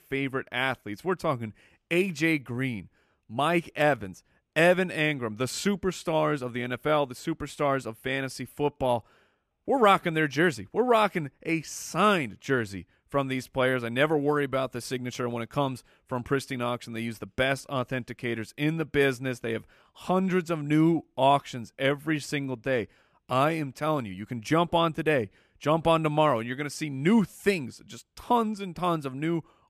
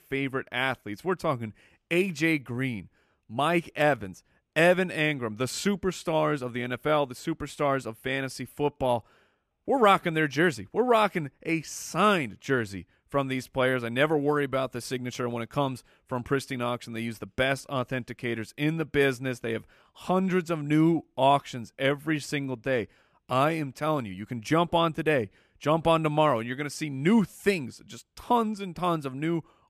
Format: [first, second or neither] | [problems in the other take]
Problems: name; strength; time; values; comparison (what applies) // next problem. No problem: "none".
neither | none